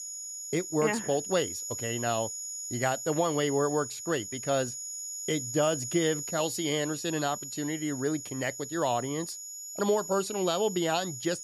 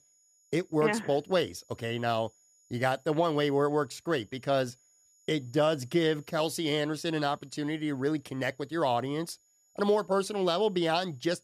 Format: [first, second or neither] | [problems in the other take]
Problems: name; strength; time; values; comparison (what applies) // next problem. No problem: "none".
second | high-pitched whine; loud; throughout; 7 kHz, 6 dB below the speech; faint in the second